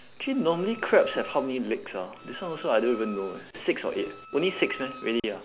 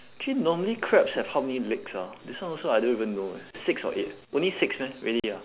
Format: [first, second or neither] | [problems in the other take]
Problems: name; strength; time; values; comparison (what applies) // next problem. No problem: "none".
second | background sound (Wind instrument, woodwind instrument); 18 dB below the speech